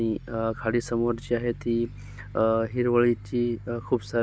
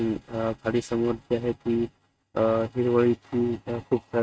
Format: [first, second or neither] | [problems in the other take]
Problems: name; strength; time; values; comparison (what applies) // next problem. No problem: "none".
first | noise reduction (neural mask model RNNoise)